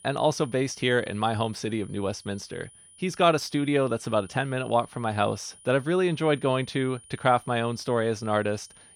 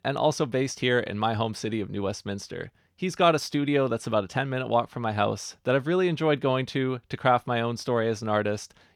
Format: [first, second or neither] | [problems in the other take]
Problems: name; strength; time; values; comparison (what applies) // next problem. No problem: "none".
second | high-pitched whine; faint; throughout; 9.5 kHz, 25 dB below the speech